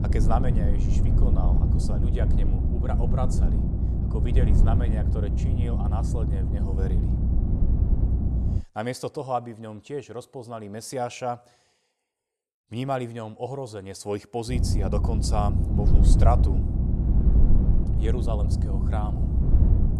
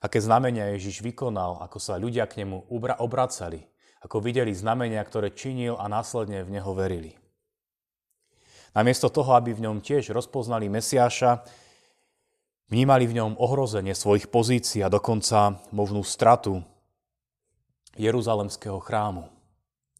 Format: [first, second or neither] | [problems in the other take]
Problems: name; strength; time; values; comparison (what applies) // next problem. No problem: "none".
second | low rumble; loud; until 8.5 s and from 15 s on; 4 dB below the speech